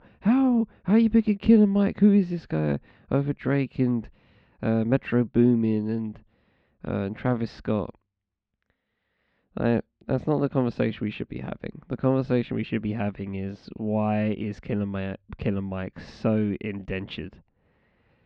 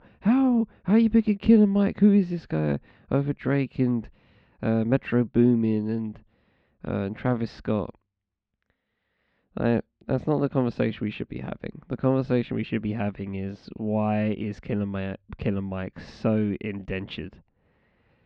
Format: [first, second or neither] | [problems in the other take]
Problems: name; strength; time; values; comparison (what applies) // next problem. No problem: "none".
neither | muffled; slightly; fading above 3.5 kHz; the same in both